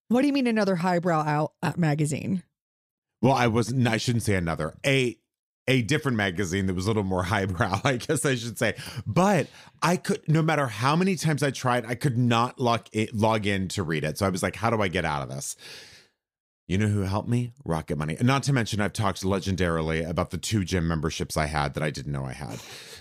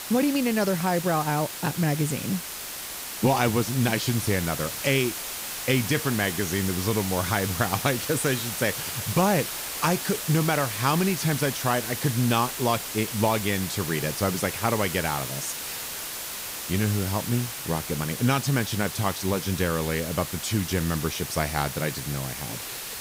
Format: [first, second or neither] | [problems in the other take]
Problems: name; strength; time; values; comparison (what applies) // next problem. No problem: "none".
first | hiss; loud; throughout; 5 dB below the speech